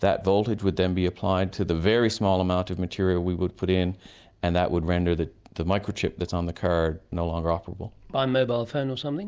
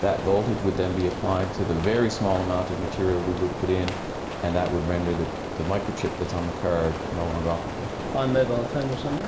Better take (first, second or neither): first